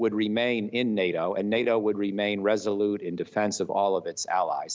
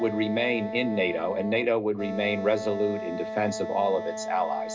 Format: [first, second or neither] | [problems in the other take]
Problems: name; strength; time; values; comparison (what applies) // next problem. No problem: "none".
first | background sound (Wind instrument, woodwind instrument); 8 dB below the speech // room echo; dies away in 0.2 s